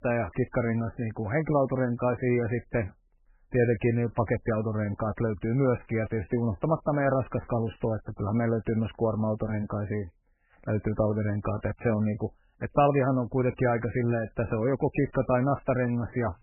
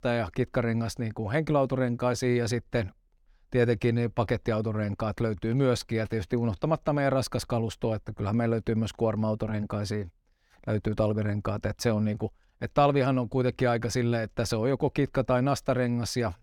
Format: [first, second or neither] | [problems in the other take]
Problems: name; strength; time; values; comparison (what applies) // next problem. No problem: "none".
second | garbled, watery; badly; nothing above 2.5 kHz